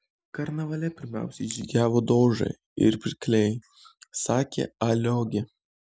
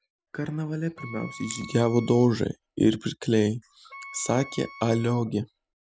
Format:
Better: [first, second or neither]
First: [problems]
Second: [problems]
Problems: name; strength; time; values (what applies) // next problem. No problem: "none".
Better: first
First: none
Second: background sound (Wind instrument, woodwind instrument); 19 dB below the speech